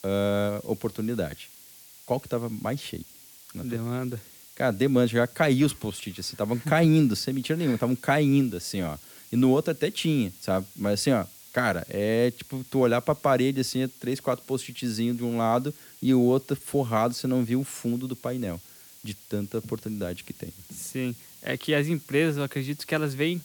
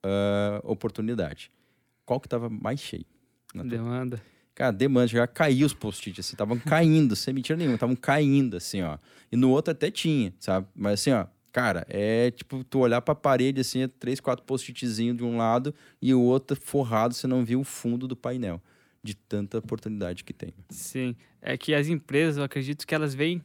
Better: second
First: hiss; faint; throughout; 20 dB below the speech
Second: none

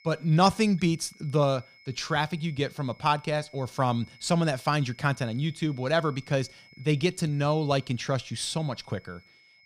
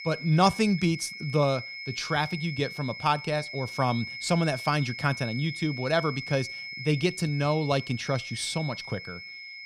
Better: first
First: high-pitched whine; faint; throughout; 2 kHz, 25 dB below the speech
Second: high-pitched whine; loud; throughout; 2 kHz, 9 dB below the speech

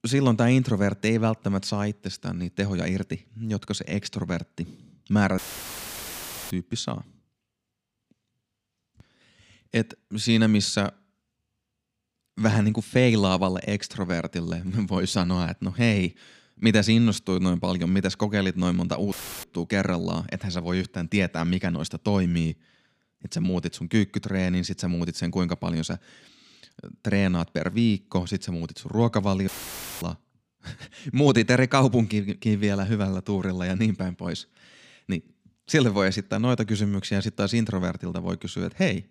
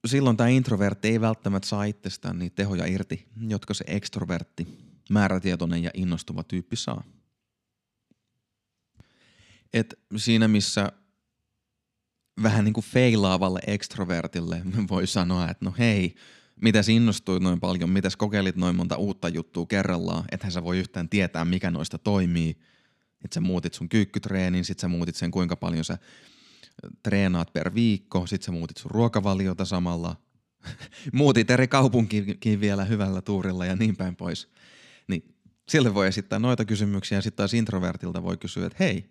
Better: second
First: audio cutting out; filled with static; at 5.5 s for 1 s, at 19 s and at 29 s for 0.5 s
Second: none

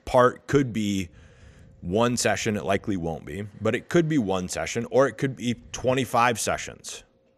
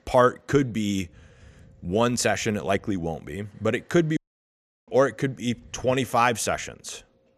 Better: first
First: none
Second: audio cutting out; at 4 s for 0.5 s

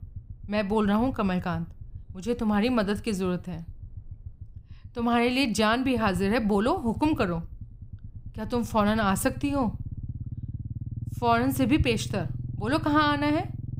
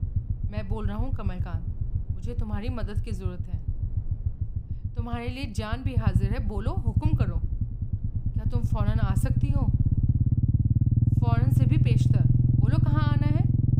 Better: first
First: low rumble; faint; throughout; 25 dB below the speech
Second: low rumble; loud; throughout; as loud as the speech

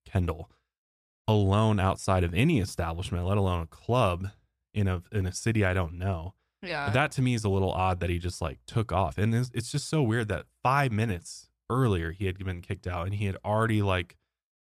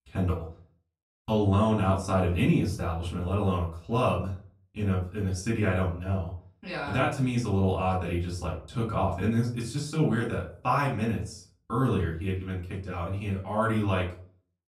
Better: first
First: none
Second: off-mic speech; far // room echo; slight; dies away in 0.3 s

